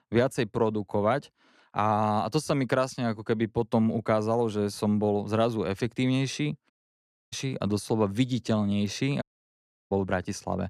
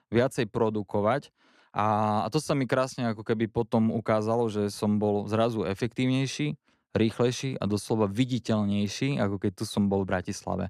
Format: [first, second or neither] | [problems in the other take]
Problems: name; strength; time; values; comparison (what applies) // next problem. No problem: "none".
second | audio cutting out; at 6.5 s for 0.5 s and at 9 s for 0.5 s